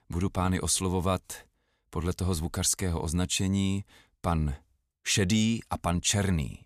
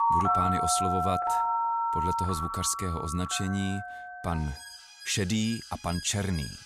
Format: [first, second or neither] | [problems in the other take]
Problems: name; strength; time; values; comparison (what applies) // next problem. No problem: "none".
first | alarms or sirens; very loud; throughout; 2 dB above the speech